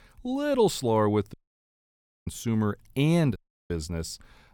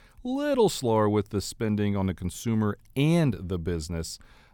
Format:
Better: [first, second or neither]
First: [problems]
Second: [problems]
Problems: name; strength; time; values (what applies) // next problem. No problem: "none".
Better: second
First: audio cutting out; at 1.5 s for 1 s and at 3.5 s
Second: none